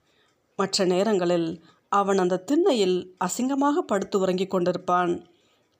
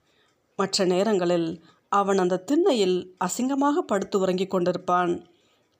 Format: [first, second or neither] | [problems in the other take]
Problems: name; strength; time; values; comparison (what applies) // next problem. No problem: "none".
neither | none